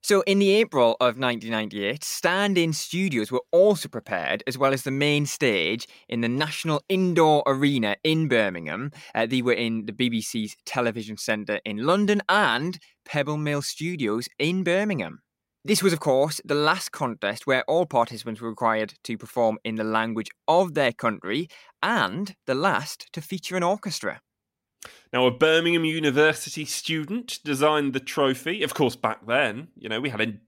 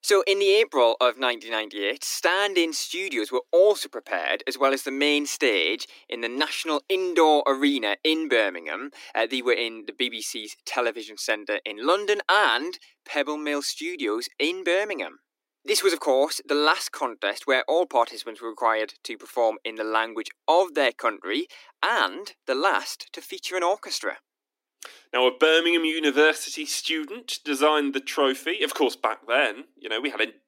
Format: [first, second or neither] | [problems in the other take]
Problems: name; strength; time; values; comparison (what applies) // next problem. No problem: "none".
first | thin; very slightly; fading below 300 Hz